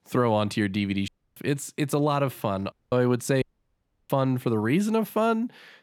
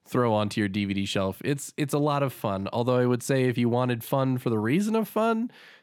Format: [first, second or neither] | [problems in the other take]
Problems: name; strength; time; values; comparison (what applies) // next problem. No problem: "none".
second | audio cutting out; at 1 s, at 2.5 s and at 3.5 s for 0.5 s